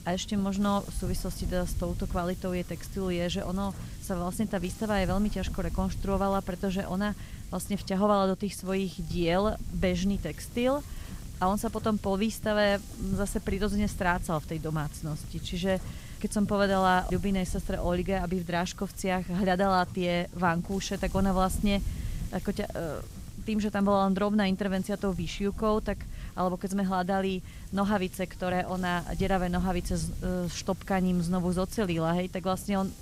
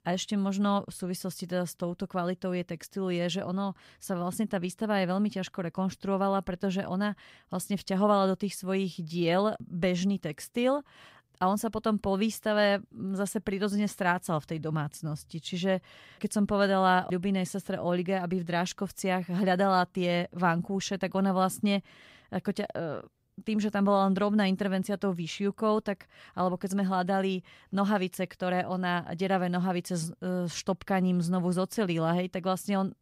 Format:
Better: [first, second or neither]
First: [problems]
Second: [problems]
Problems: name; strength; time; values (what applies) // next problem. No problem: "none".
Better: second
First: wind noise on the microphone; occasional gusts; 20 dB below the speech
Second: none